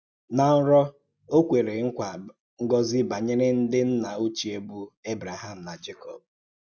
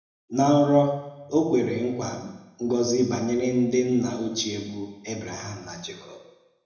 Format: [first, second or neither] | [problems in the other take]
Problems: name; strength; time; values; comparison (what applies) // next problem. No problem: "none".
first | room echo; dies away in 0.9 s